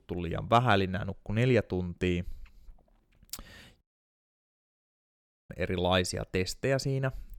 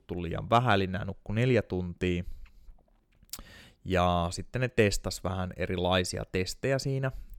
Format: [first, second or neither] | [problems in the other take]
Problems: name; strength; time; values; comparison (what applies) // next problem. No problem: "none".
second | audio cutting out; at 4 s for 1.5 s